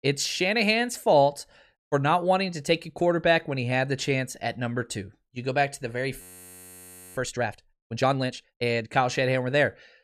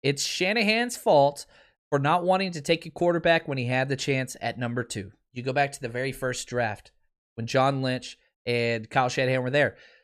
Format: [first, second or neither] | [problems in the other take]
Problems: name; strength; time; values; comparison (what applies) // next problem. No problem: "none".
second | audio freezing; at 6 s for 1 s